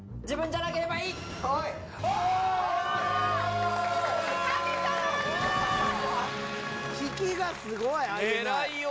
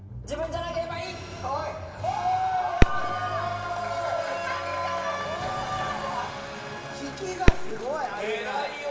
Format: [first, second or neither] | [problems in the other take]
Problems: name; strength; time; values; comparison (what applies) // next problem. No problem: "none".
first | background sound (Fireworks); as loud as the speech // room echo; dies away in 2.5 s